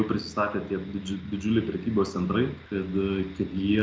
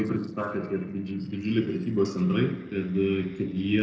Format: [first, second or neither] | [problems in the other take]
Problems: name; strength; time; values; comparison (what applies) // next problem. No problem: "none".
first | noise reduction (neural separator model SepFormer DNS4)